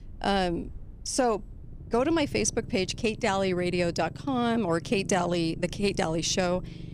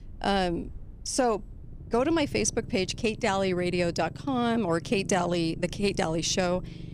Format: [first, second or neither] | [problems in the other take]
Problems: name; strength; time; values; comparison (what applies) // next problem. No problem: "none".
neither | low rumble; faint; throughout; 25 dB below the speech; the same in both